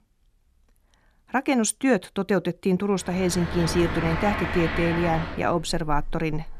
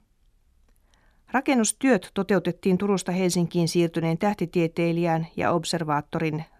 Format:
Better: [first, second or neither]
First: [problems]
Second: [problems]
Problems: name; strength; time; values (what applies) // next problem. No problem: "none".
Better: second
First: traffic noise; loud; from 3.5 s on; 6 dB below the speech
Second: none